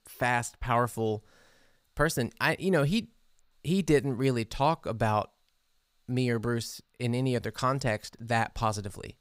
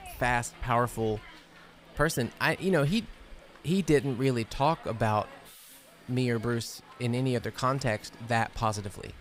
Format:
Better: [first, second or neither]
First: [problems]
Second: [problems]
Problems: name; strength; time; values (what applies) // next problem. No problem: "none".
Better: first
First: none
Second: hiss; faint; throughout; 20 dB below the speech